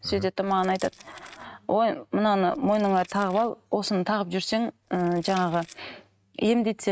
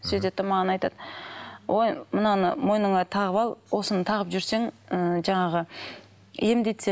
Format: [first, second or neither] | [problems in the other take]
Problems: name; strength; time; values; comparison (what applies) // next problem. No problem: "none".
second | noise reduction (neural mask model RNNoise)